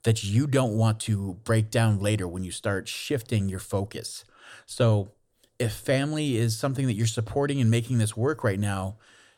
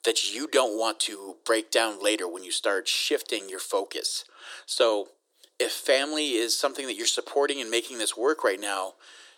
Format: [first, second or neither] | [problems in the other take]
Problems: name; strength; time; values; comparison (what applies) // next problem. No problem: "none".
first | thin; very; fading below 300 Hz